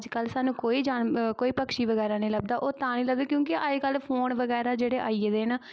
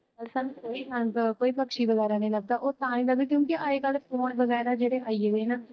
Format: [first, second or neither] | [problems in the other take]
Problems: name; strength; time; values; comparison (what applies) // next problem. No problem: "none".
first | noise reduction (neural mask model DeepFilterNet 3)